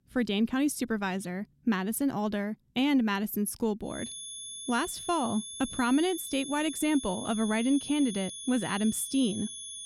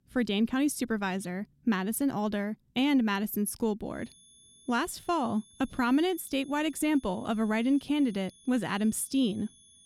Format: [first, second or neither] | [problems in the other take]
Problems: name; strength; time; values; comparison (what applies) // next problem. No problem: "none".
second | high-pitched whine; loud; from 4 s on; 3.5 kHz, 9 dB below the speech; faint in the second